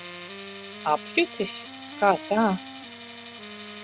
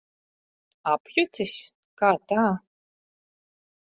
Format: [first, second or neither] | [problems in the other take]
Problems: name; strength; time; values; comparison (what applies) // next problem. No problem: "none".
second | background sound (Tools + Wind instrument, woodwind instrument); 12 dB below the speech